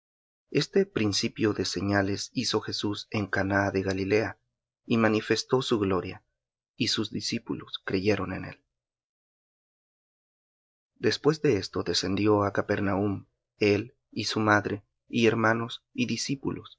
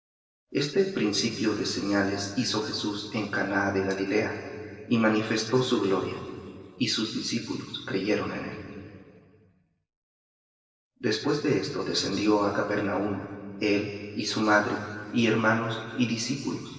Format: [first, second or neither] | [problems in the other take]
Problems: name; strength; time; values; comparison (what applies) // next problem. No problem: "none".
first | room echo; dies away in 2.3 s